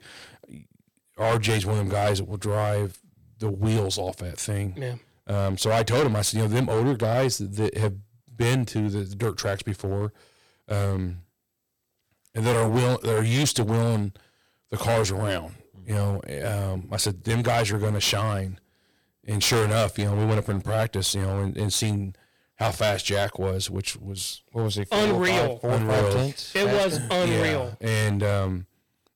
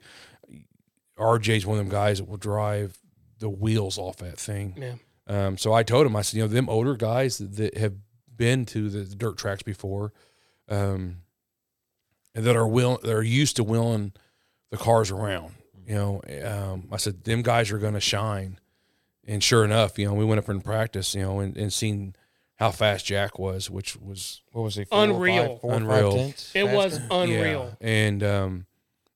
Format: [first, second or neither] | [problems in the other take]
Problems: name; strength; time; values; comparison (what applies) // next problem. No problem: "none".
second | distortion; heavy; 10% of the sound clipped